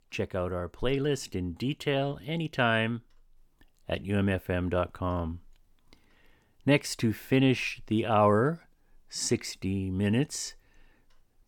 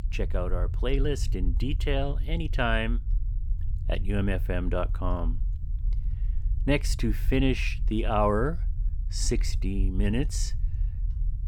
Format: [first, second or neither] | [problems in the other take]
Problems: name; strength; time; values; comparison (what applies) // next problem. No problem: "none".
first | low rumble; faint; throughout; 20 dB below the speech